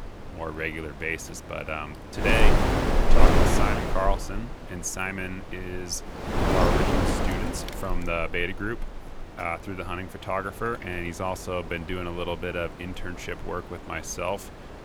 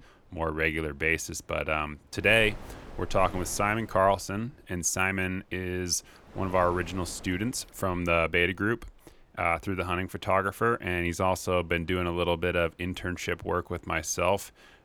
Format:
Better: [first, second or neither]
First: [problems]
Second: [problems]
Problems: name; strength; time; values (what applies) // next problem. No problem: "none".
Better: second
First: wind noise on the microphone; heavy; 3 dB above the speech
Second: wind noise on the microphone; occasional gusts; 20 dB below the speech